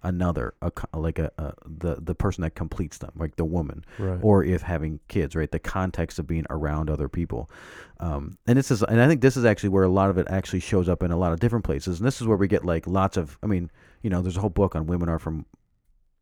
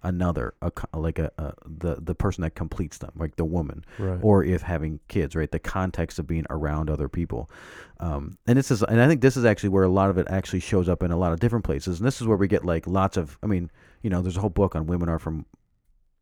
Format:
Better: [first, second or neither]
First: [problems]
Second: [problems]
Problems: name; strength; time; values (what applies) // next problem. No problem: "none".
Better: neither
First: none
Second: none